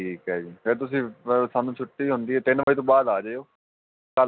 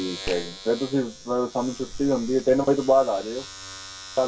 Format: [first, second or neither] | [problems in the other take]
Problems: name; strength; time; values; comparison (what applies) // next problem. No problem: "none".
first | background sound (Domestic sounds, home sounds); 14 dB below the speech // room echo; dies away in 0.2 s